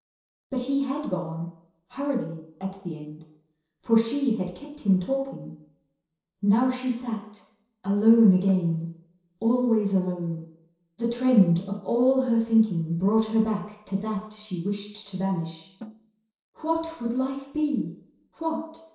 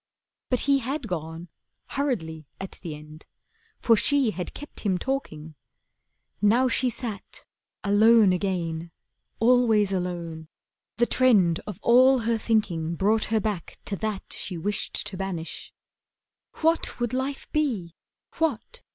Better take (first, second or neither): second